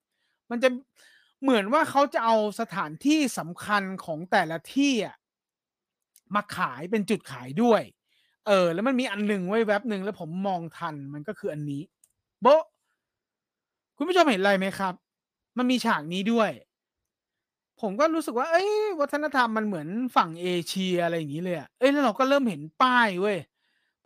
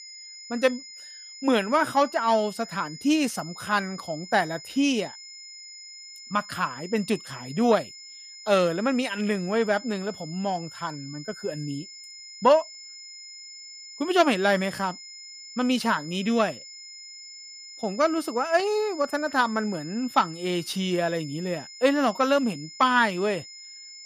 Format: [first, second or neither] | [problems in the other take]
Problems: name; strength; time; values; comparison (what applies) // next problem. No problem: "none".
first | high-pitched whine; noticeable; throughout; 5 kHz, 15 dB below the speech